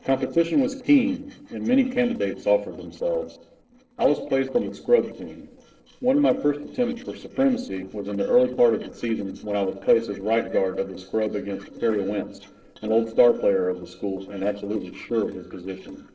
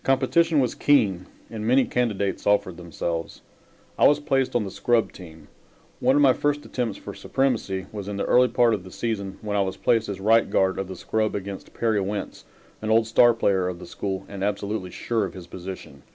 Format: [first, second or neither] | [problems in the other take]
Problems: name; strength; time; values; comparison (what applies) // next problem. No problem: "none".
second | noise reduction (neural separator model SepFormer DNS4)